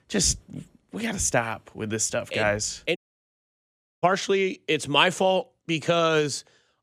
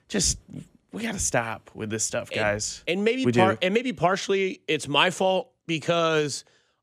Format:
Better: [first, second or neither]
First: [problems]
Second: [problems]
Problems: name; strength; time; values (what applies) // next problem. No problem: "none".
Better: second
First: audio cutting out; at 3 s for 1 s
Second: none